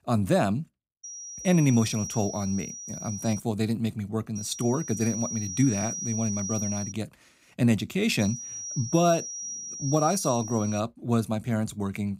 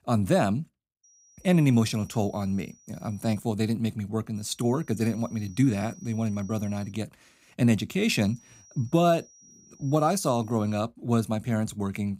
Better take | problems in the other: second | high-pitched whine; loud; from 1 to 3.5 s, from 4.5 to 7 s and from 8 to 11 s; 5.5 kHz, 7 dB below the speech; faint in the second

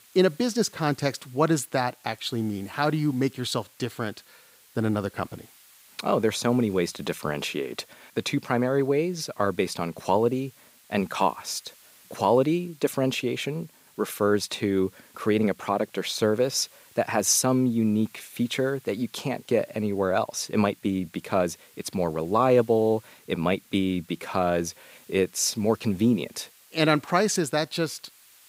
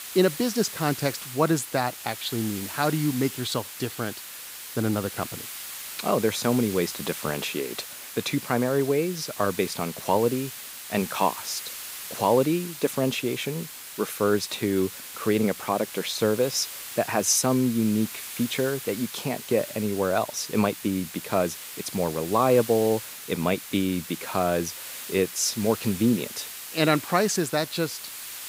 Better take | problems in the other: first | hiss; loud; throughout; 10 dB below the speech; faint in the first

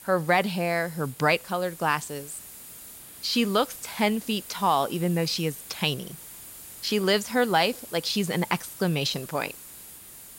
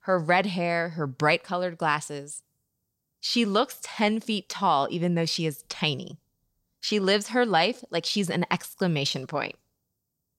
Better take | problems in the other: second | hiss; noticeable; throughout; 15 dB below the speech

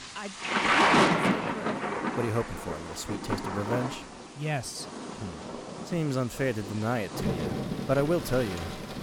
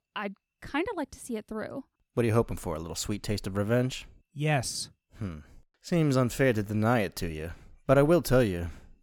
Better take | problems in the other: second | rain or running water; very loud; throughout; 3 dB above the speech

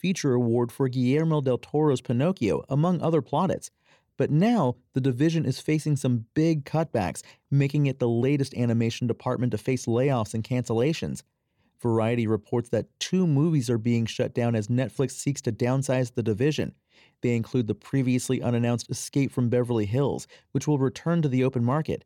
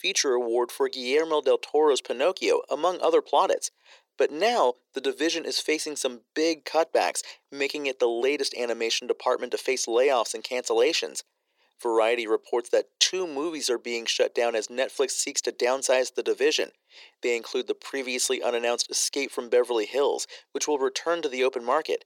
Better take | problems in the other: first | thin; very; fading below 400 Hz

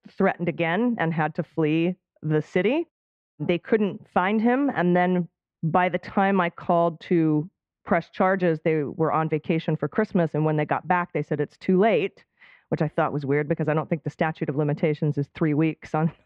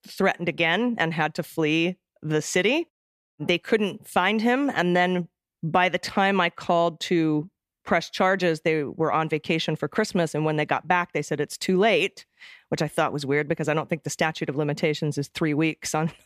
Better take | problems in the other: second | muffled; very; fading above 1.5 kHz

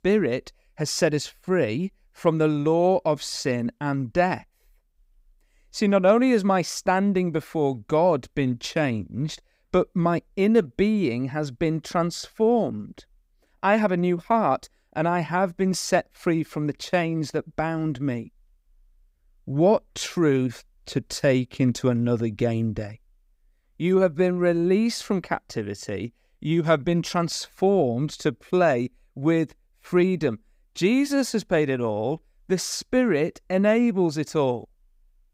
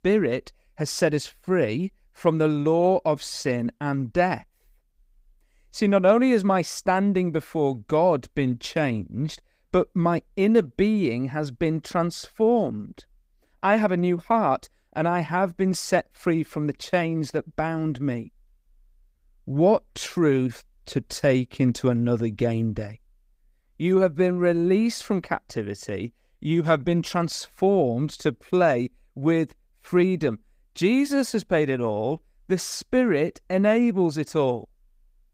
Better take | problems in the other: first | garbled, watery; slightly; nothing above 15.5 kHz

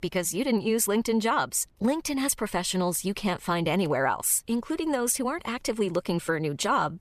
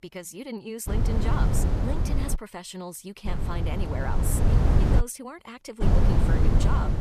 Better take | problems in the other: first | wind noise on the microphone; heavy; from 1 to 2.5 s, from 3.5 to 5 s and from 6 s on; 2 dB above the speech

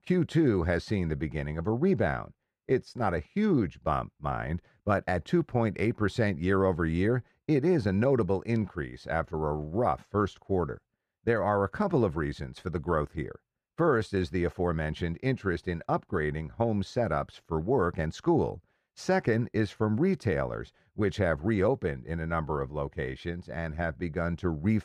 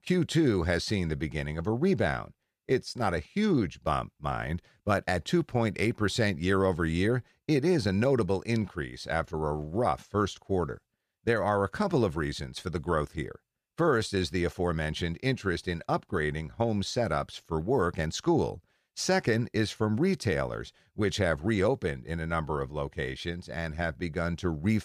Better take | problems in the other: second | muffled; slightly; fading above 2.5 kHz

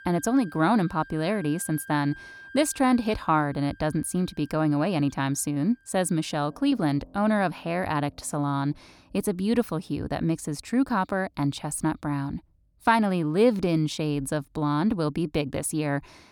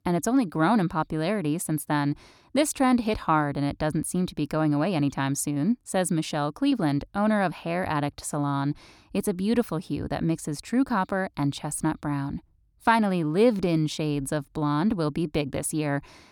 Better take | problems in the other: second | background music; faint; throughout; 25 dB below the speech

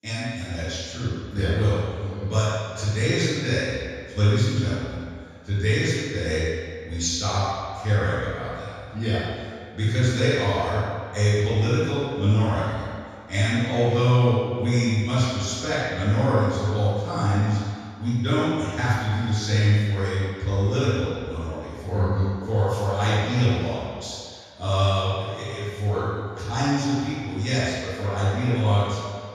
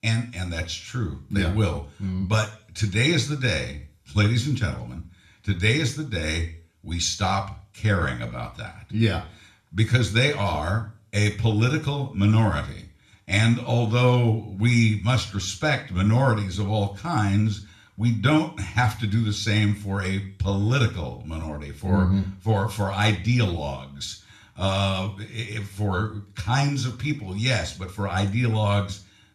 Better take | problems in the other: second | room echo; strong; dies away in 1.9 s; slight in the second // off-mic speech; far; somewhat distant in the second

